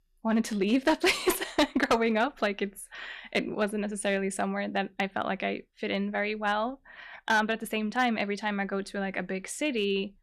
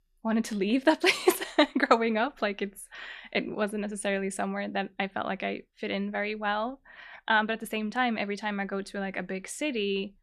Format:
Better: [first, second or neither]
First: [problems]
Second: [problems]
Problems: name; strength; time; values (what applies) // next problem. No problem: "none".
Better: second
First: distortion; slight; 2% of the sound clipped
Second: none